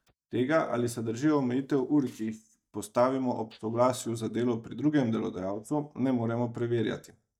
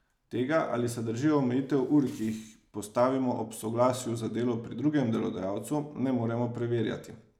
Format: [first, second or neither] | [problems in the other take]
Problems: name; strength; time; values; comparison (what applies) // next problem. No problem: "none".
second | noise reduction (neural mask model DeepFilterNet 3)